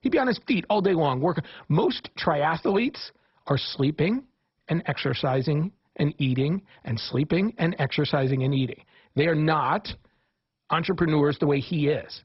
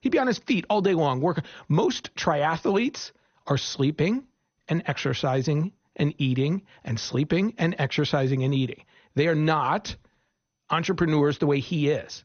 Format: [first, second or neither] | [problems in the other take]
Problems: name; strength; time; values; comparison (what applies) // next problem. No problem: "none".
second | garbled, watery; badly; nothing above 5.5 kHz; slightly in the second